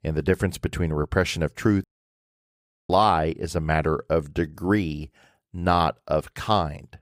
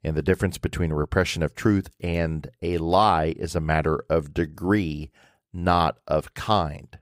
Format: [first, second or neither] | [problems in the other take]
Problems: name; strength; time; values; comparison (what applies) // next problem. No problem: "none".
second | audio cutting out; at 2 s for 1 s